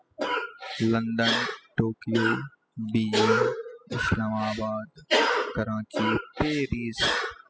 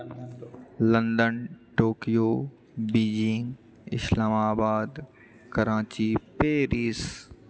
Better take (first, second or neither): second